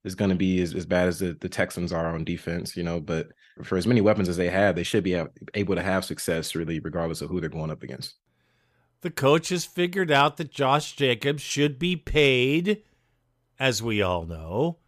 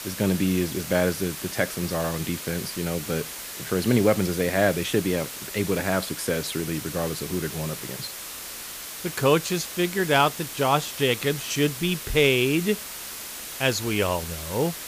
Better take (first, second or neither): first